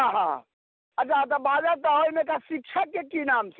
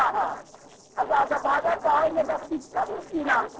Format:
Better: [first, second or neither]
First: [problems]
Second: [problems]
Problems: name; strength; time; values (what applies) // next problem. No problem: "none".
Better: first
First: none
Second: noise reduction (neural separator model SepFormer DNS4)